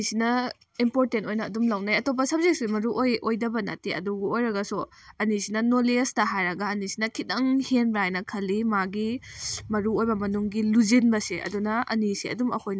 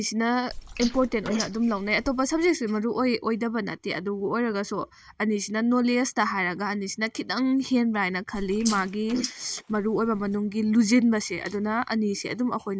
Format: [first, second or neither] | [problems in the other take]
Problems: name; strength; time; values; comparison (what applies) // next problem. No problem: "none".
first | noise reduction (neural mask model Resemble Enhance denoiser)